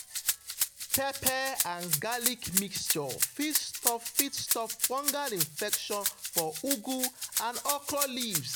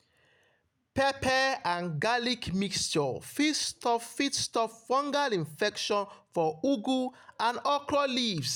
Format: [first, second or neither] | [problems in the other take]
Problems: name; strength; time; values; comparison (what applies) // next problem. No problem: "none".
second | background sound (Rattle (instrument)); 2 dB above the speech